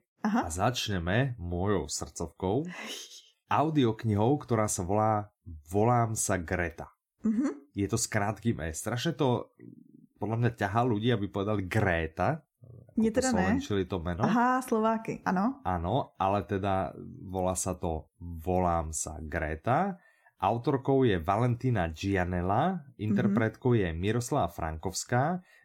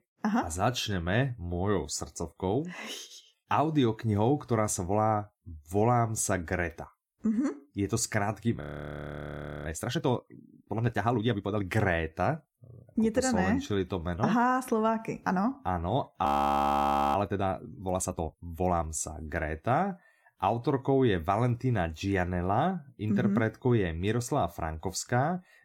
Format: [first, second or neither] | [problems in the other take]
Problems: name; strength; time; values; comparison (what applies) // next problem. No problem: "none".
first | audio freezing; at 8.5 s for 1 s and at 16 s for 1 s